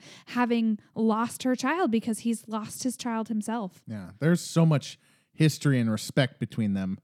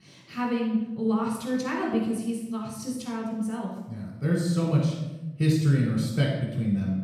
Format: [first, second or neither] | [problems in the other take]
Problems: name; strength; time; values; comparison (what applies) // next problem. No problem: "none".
first | off-mic speech; far // room echo; noticeable; dies away in 0.9 s